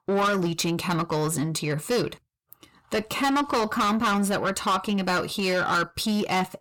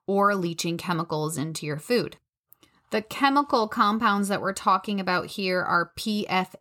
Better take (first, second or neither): second